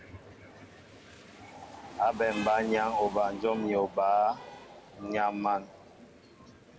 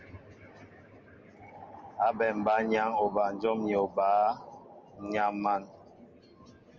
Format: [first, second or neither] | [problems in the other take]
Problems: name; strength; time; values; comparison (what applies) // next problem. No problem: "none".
second | background sound (Rain); 19 dB below the speech